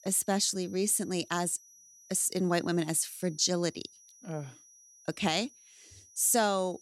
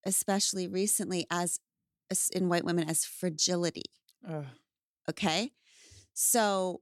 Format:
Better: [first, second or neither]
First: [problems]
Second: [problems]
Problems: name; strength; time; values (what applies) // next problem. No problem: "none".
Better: second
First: high-pitched whine; faint; throughout; 6 kHz, 25 dB below the speech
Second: none